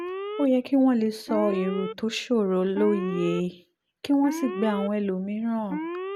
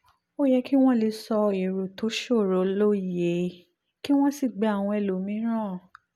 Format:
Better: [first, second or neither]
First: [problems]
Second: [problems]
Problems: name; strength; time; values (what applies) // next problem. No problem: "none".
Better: second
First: background sound (Alarm); 9 dB below the speech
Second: none